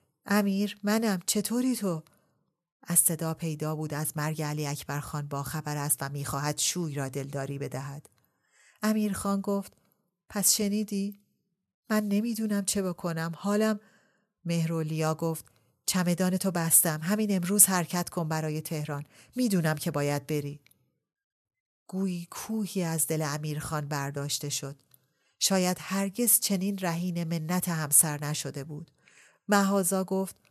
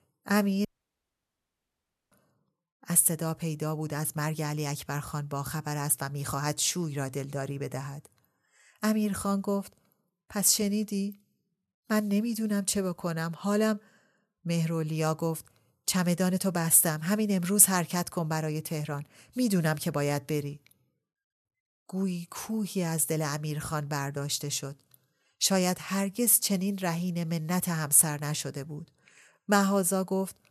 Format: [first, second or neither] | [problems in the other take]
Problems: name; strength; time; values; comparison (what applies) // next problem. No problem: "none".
first | audio cutting out; at 0.5 s for 1.5 s